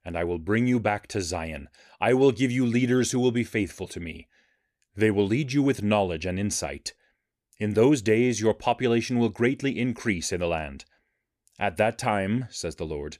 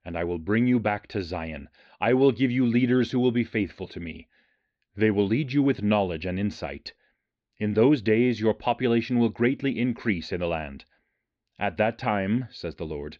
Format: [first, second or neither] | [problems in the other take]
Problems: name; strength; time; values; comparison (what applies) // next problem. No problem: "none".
first | muffled; slightly; fading above 4 kHz